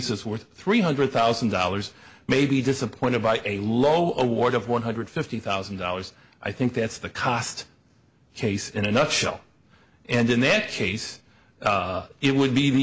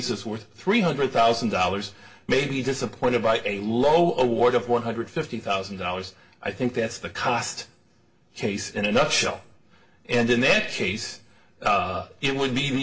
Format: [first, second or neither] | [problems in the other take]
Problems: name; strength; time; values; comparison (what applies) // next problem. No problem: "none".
first | room echo; dies away in 0.2 s